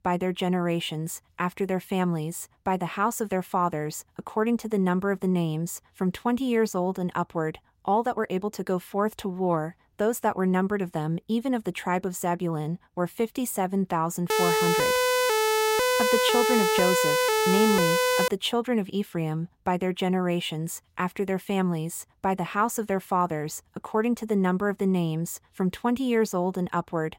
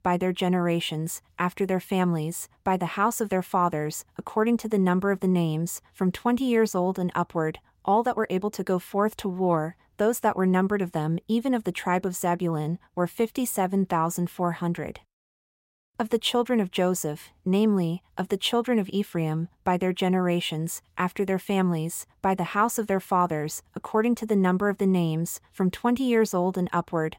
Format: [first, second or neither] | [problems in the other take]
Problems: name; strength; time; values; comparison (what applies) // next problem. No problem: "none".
second | siren; loud; from 14 to 18 s; peak 5 dB above the speech